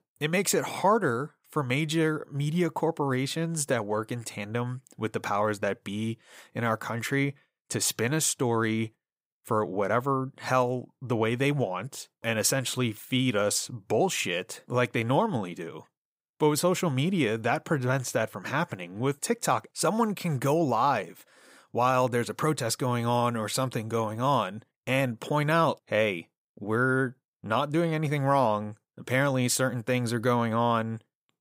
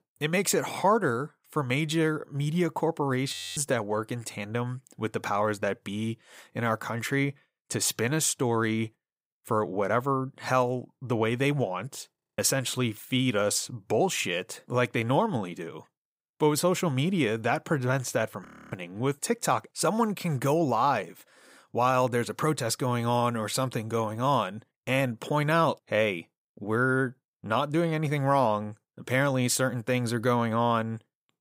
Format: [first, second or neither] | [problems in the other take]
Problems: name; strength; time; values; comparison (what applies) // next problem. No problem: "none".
first | audio freezing; at 3.5 s, at 12 s and at 18 s